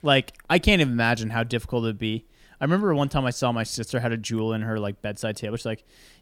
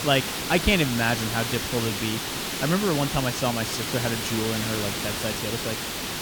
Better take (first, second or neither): first